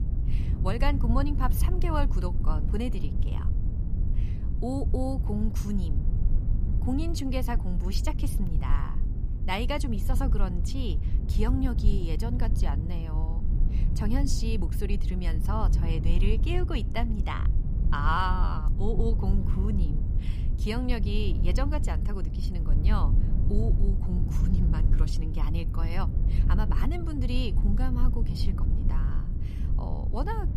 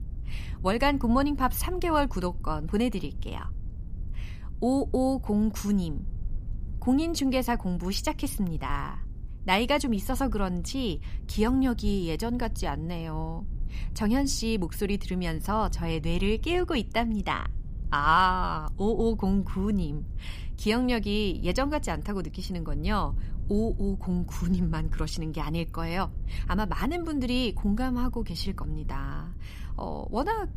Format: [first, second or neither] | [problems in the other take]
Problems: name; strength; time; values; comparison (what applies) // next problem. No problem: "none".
second | low rumble; loud; throughout; 9 dB below the speech; faint in the second